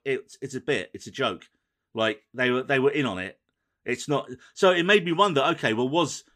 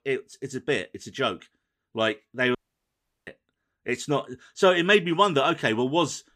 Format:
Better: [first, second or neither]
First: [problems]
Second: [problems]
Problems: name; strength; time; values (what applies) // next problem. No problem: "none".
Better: first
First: none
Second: audio cutting out; at 2.5 s for 0.5 s